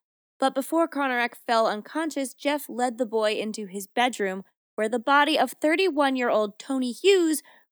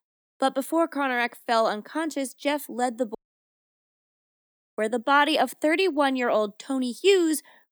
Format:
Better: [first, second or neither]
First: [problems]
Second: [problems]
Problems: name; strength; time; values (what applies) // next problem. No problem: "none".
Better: first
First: none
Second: audio cutting out; at 3 s for 1.5 s